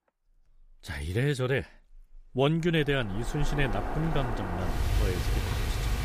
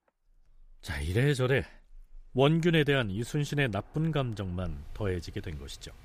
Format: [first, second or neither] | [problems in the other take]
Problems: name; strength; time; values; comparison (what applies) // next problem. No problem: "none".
second | animal sounds; loud; from 3.5 s on; 3 dB below the speech; faint in the second